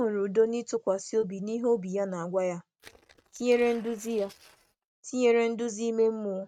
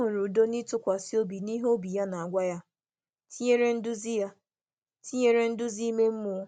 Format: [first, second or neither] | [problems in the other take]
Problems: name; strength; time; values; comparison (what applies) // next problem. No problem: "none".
second | noise reduction (neural mask model RNNoise)